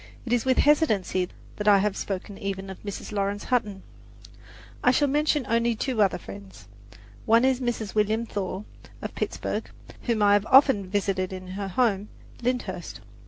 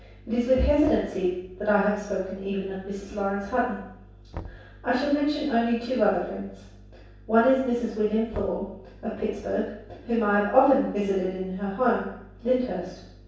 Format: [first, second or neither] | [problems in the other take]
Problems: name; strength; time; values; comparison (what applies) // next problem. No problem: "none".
first | background sound (Knock); 20 dB below the speech // room echo; dies away in 0.7 s